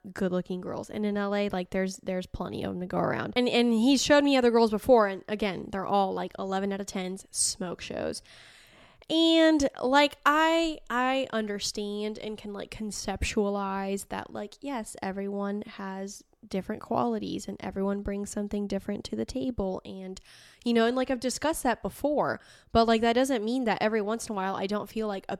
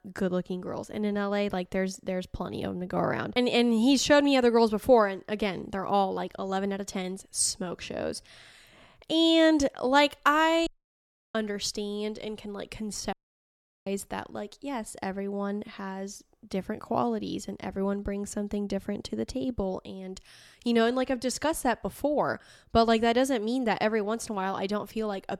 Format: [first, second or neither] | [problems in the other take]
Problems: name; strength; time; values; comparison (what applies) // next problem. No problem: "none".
first | audio cutting out; at 11 s for 0.5 s and at 13 s for 0.5 s